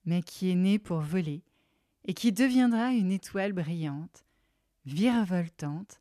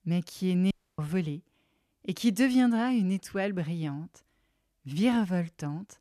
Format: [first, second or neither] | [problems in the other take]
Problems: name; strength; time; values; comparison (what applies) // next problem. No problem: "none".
first | audio cutting out; at 0.5 s